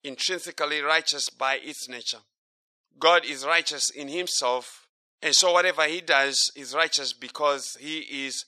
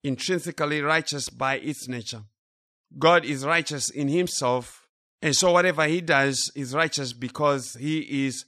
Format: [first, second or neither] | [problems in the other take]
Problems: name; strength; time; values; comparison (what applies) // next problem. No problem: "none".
second | thin; somewhat; fading below 550 Hz